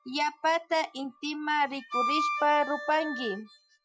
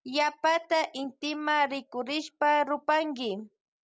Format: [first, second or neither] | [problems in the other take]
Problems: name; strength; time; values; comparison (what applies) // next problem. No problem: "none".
second | noise reduction (classical method Wiener filter)